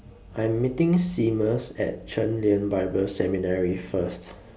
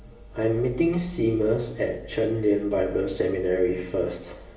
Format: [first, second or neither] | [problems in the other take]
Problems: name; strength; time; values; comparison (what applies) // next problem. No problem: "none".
first | room echo; dies away in 0.8 s